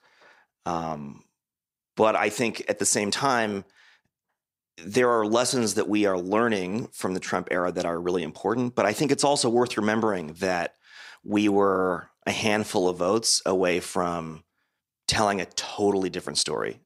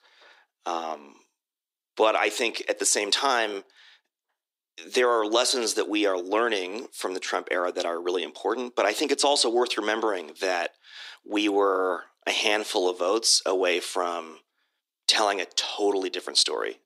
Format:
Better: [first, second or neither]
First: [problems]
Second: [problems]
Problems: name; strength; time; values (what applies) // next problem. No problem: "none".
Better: first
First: none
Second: thin; somewhat; fading below 300 Hz